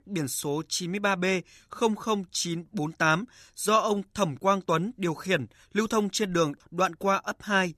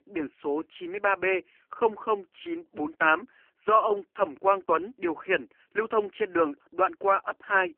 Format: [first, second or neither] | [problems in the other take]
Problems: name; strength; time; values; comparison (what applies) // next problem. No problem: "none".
first | phone-call audio; poor line